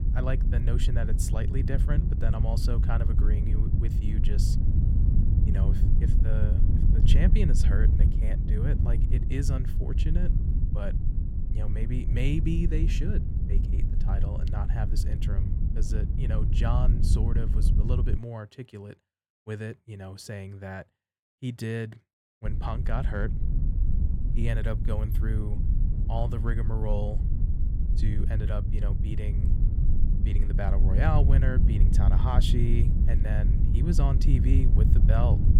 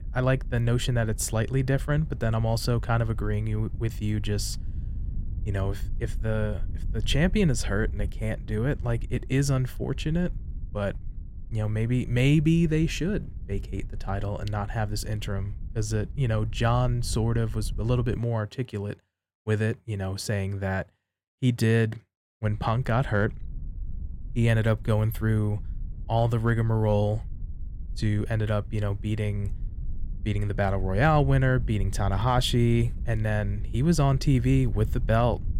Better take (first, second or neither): second